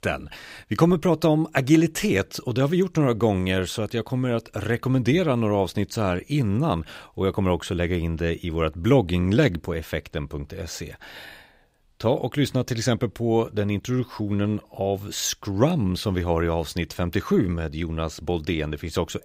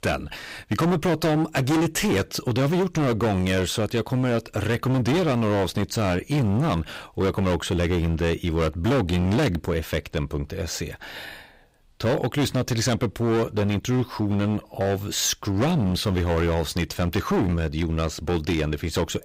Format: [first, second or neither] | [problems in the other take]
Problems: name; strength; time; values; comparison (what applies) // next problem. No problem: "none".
first | distortion; heavy; 18% of the sound clipped